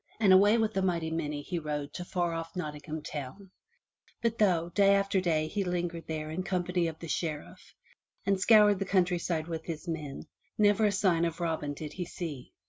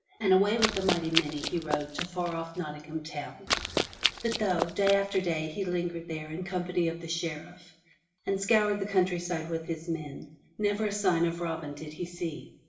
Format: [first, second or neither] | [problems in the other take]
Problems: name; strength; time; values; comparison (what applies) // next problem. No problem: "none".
first | background sound (Run); 3 dB below the speech // room echo; dies away in 0.7 s